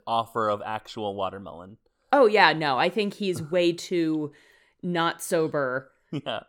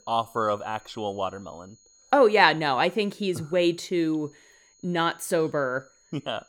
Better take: first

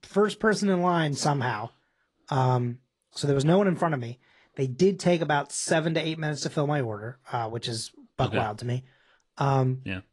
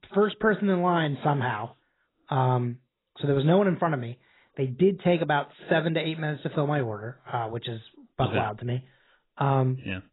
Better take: first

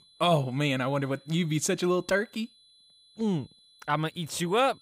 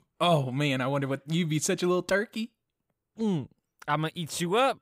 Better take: second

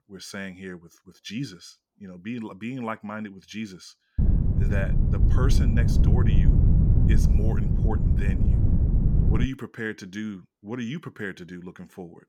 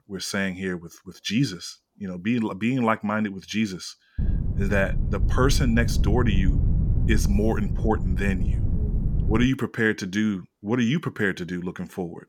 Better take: second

